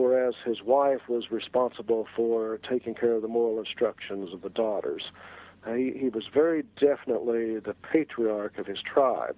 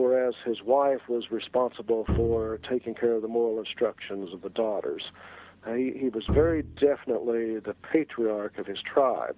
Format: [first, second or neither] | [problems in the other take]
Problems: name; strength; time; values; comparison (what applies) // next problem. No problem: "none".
first | background sound (Bowed string instrument); 6 dB below the speech